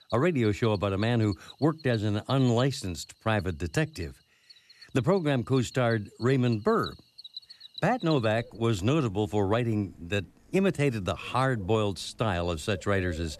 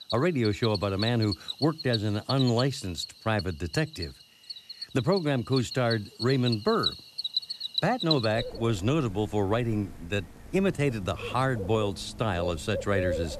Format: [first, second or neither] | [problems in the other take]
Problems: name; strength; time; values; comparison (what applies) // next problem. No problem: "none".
first | animal sounds; loud; throughout; 7 dB below the speech; faint in the first